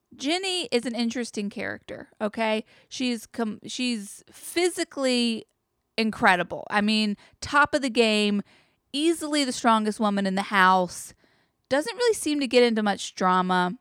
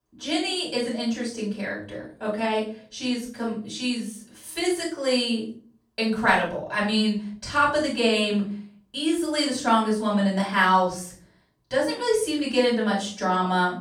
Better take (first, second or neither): first